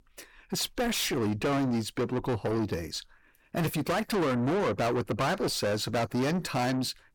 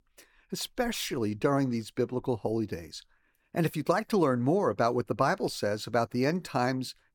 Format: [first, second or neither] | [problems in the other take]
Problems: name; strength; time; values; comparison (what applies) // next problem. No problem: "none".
second | distortion; heavy; 6 dB below the speech